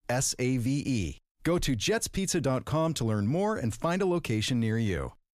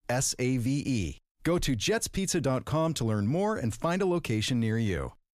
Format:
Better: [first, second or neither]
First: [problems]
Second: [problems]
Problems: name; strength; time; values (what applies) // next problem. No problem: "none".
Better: neither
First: none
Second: none